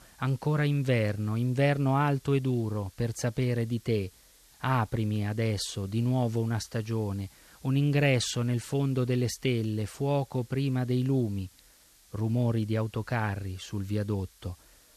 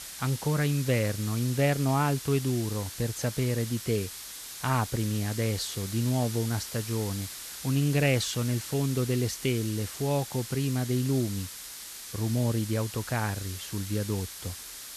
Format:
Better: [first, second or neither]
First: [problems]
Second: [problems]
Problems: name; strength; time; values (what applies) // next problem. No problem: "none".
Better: first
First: hiss; faint; throughout; 25 dB below the speech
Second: hiss; loud; throughout; 9 dB below the speech